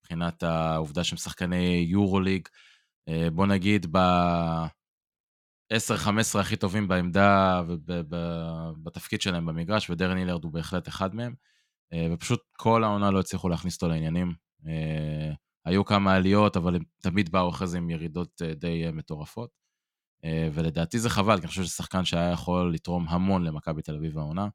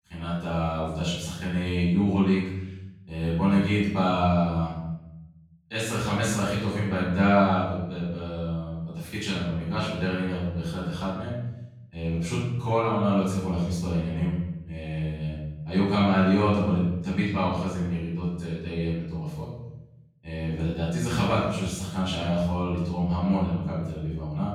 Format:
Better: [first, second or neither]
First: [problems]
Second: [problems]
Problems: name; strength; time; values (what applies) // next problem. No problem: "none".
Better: first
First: none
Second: off-mic speech; far // room echo; noticeable; dies away in 1 s